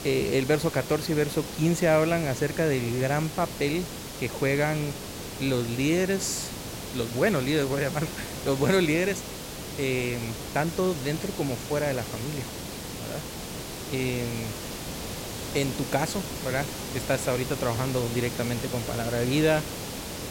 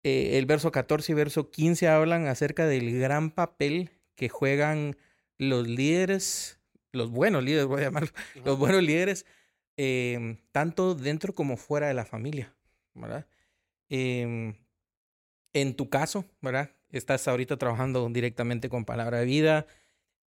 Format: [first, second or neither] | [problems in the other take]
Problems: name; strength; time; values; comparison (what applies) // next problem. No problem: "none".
second | hiss; loud; throughout; 8 dB below the speech